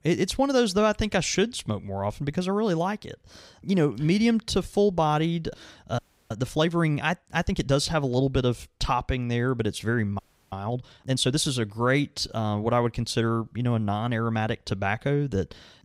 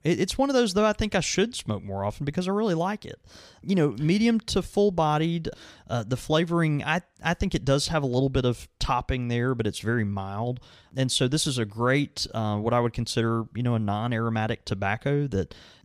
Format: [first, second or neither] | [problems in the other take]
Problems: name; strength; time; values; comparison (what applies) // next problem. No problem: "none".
second | audio freezing; at 6 s and at 10 s